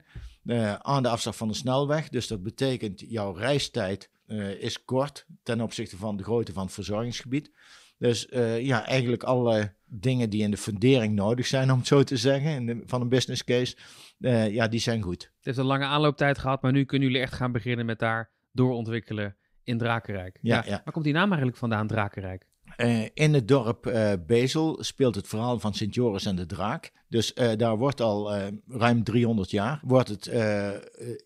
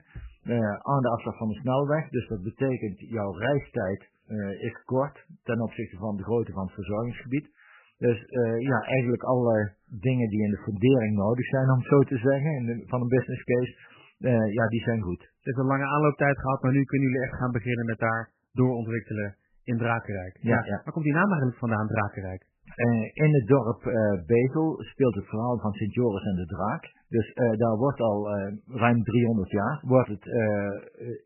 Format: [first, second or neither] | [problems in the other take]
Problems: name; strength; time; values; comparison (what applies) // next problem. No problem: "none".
first | garbled, watery; badly; nothing above 3 kHz